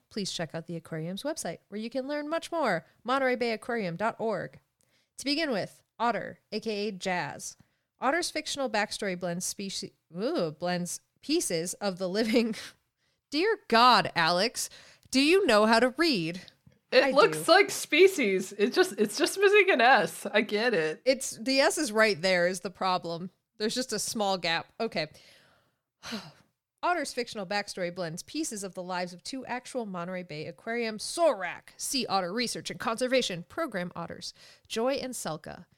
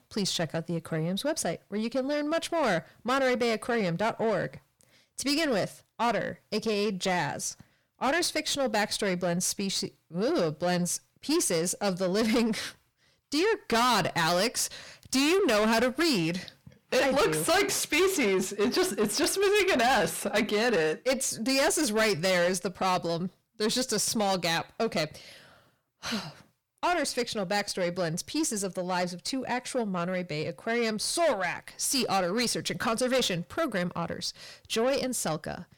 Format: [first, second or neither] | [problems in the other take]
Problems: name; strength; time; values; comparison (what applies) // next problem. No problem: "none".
first | distortion; heavy; 6 dB below the speech